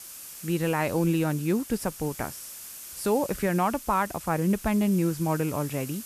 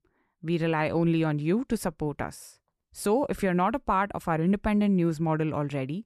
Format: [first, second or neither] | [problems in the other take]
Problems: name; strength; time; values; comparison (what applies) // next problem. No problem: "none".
second | hiss; noticeable; throughout; 15 dB below the speech